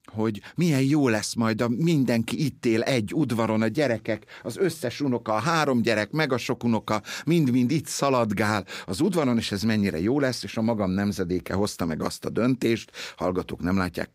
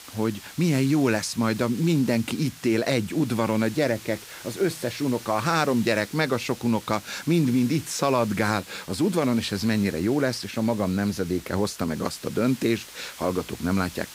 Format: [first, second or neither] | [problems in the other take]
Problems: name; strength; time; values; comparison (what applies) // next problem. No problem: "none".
first | hiss; noticeable; throughout; 15 dB below the speech